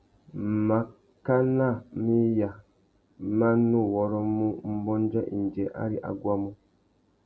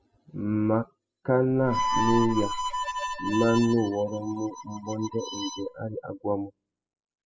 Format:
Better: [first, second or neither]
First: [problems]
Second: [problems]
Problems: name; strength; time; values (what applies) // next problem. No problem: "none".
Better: first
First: none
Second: noise reduction (classical method spectral subtraction)